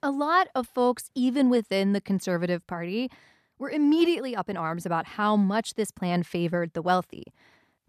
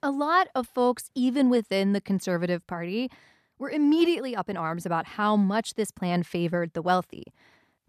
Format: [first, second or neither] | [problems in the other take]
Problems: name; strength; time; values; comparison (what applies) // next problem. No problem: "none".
neither | none